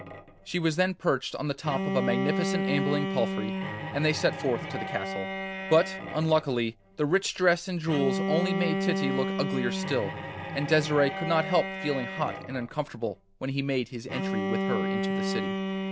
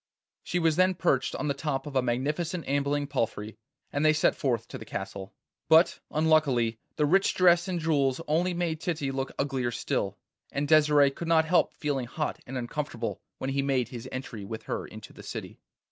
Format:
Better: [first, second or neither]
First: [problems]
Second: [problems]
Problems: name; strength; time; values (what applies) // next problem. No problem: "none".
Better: second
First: background sound (Bowed string instrument); 3 dB below the speech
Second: none